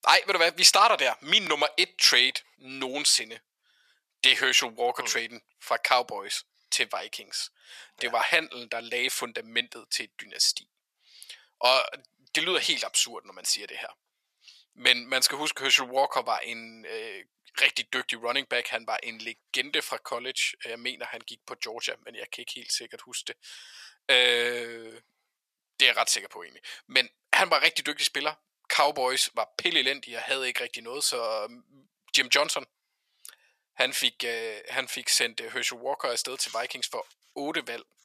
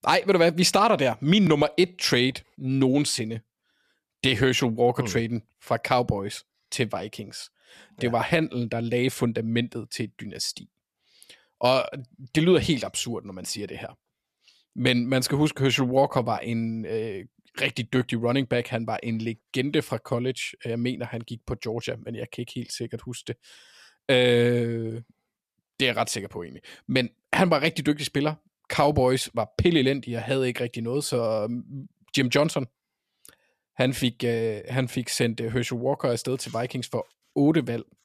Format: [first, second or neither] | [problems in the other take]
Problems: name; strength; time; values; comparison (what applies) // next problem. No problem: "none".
second | thin; very; fading below 900 Hz